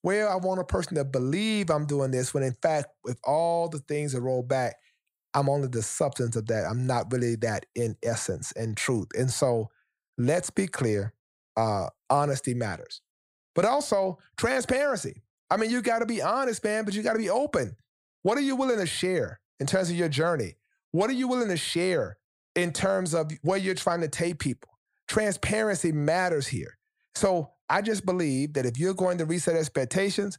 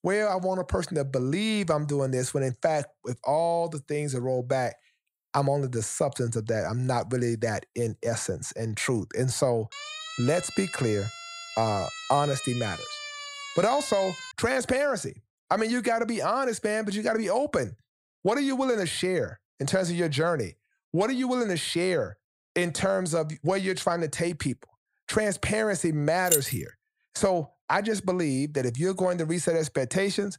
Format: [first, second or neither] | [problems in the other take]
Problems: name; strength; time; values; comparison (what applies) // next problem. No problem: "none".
first | siren; noticeable; from 9.5 to 14 s; peak 8 dB below the speech // jangling keys; loud; at 26 s; peak 3 dB above the speech